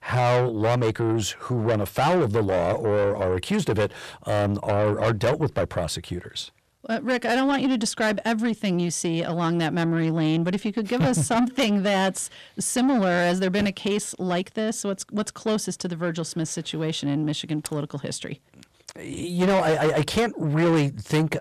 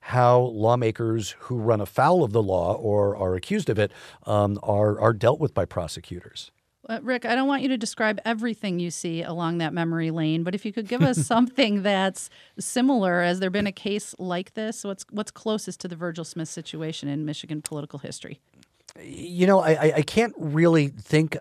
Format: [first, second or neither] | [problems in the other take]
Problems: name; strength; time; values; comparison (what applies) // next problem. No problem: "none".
second | distortion; heavy; 7 dB below the speech